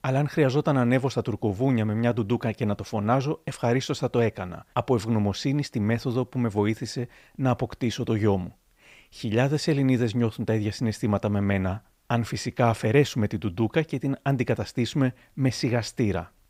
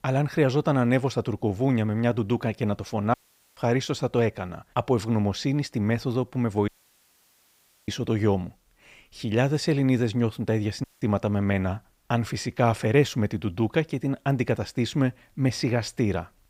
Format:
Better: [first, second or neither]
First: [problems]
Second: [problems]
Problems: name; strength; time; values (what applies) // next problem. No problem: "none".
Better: first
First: none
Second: audio cutting out; at 3 s, at 6.5 s for 1 s and at 11 s